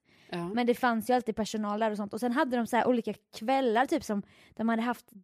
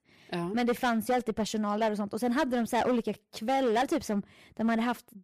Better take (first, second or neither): first